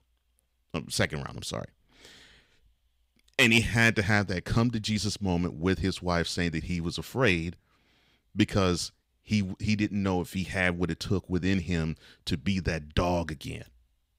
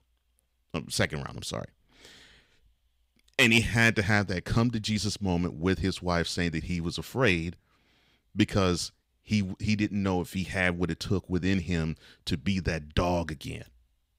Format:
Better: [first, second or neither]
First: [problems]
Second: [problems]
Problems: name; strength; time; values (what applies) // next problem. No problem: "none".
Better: neither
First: none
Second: none